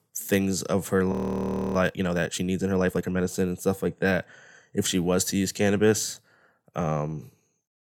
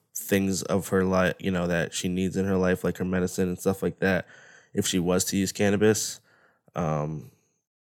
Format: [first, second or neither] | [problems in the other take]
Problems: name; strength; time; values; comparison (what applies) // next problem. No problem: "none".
second | audio freezing; at 1 s for 0.5 s